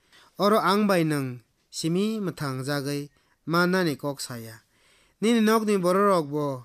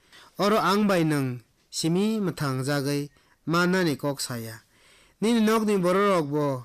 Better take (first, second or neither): first